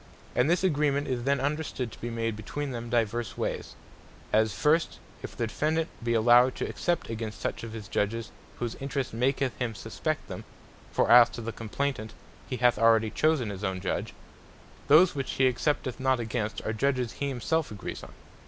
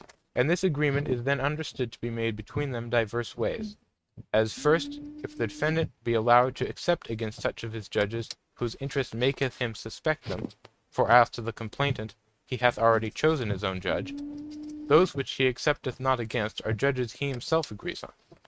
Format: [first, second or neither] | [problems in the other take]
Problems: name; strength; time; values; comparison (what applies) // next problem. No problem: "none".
first | noise reduction (neural mask model RNNoise)